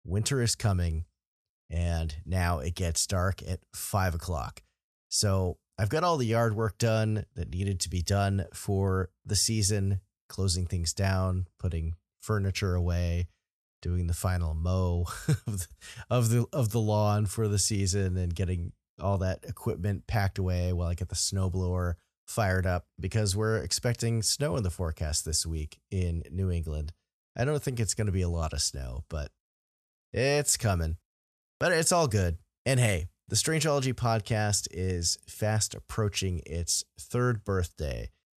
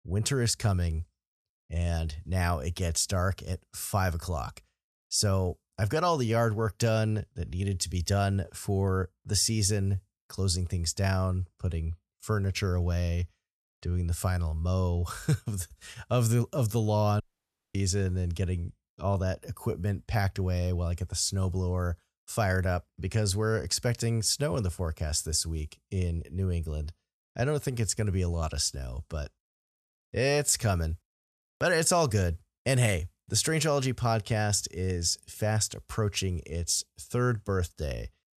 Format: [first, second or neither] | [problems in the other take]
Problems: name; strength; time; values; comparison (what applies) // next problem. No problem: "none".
first | audio cutting out; at 17 s for 0.5 s